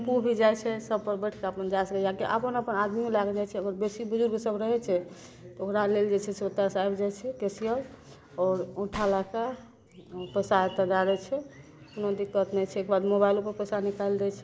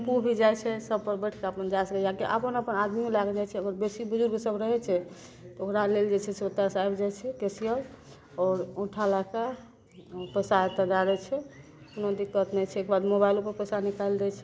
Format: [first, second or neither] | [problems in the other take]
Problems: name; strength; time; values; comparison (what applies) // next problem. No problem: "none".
second | background sound (Gunshot, gunfire); 19 dB below the speech